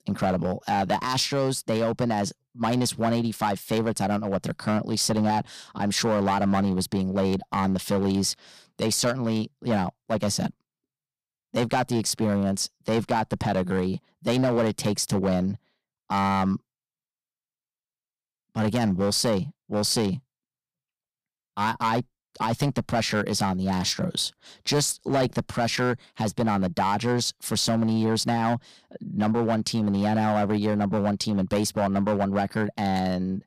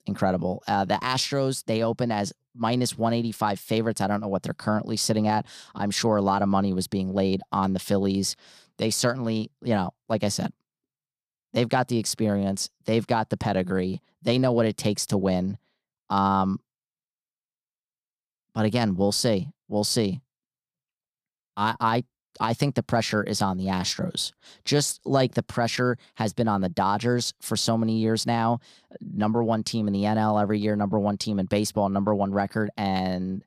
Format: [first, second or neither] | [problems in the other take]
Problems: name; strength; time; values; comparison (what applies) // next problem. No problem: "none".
second | distortion; slight; 6% of the sound clipped